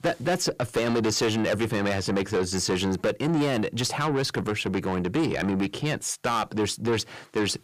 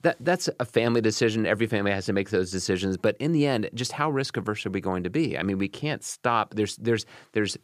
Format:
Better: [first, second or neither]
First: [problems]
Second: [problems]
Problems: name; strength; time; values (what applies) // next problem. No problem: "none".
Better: second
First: distortion; heavy; 7 dB below the speech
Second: none